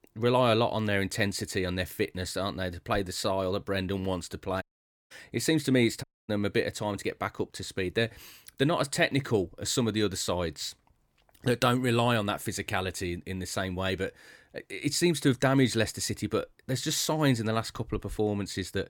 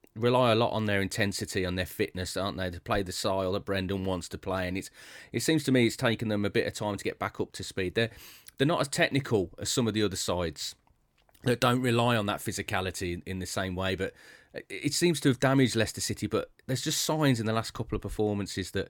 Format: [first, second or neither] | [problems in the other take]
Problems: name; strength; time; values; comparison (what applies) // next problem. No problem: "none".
second | audio cutting out; at 4.5 s and at 6 s